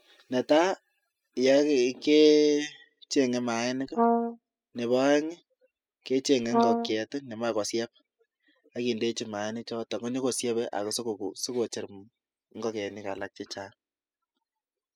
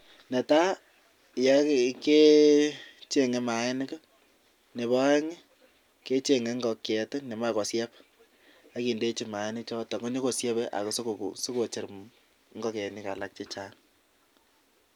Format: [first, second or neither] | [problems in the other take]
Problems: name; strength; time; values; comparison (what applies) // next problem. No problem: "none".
second | noise reduction (classical method spectral subtraction)